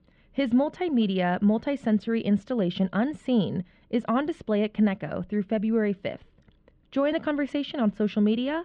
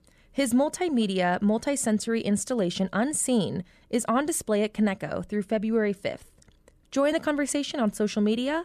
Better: second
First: muffled; very; fading above 3.5 kHz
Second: none

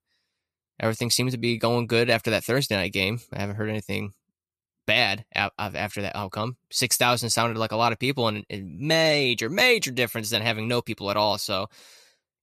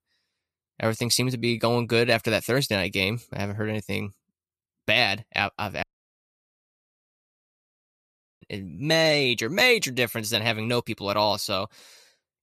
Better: first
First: none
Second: audio cutting out; at 6 s for 2.5 s

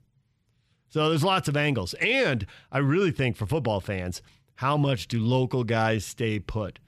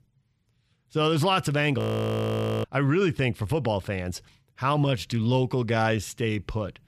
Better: first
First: none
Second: audio freezing; at 2 s for 1 s

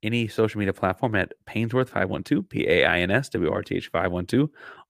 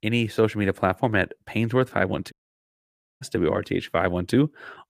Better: first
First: none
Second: audio cutting out; at 2.5 s for 1 s

